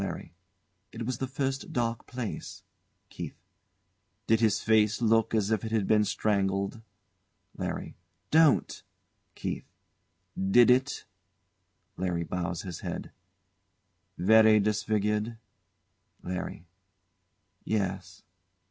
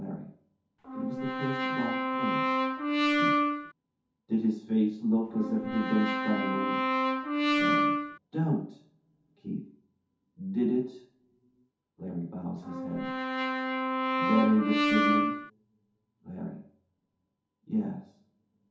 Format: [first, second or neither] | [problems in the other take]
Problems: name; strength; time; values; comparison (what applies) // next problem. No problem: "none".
first | background sound (Brass instrument); 4 dB above the speech // room echo; dies away in 0.5 s